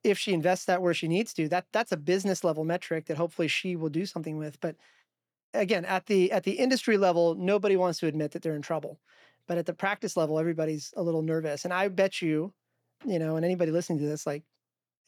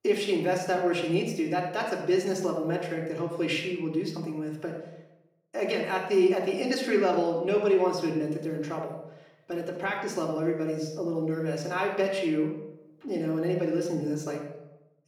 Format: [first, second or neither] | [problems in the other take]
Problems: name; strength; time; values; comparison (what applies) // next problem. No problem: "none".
first | off-mic speech; somewhat distant // room echo; noticeable; dies away in 0.7 s